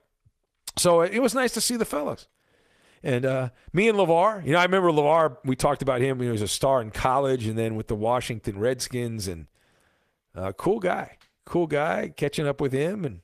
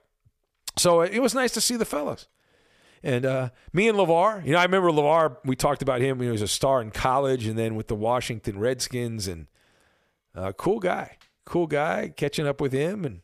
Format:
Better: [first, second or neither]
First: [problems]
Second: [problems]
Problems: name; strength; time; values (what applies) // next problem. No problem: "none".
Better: second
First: garbled, watery; slightly; nothing above 14.5 kHz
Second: none